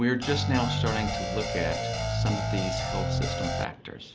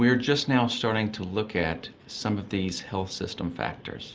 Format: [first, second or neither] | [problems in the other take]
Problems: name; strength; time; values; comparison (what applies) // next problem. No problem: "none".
second | background sound (Guitar); 2 dB above the speech